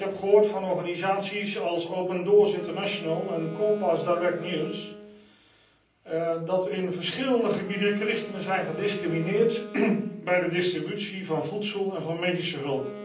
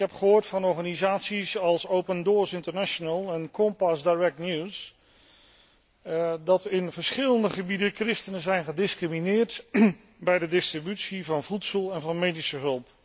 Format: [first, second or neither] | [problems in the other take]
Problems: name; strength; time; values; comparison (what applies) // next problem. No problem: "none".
second | background sound (Wind instrument, woodwind instrument); 15 dB below the speech // room echo; dies away in 0.6 s